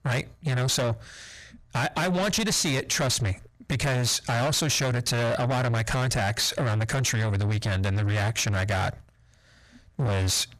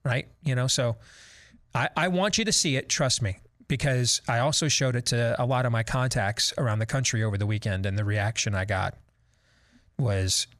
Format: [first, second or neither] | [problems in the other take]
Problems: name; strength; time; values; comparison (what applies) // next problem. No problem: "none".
second | distortion; heavy; 7 dB below the speech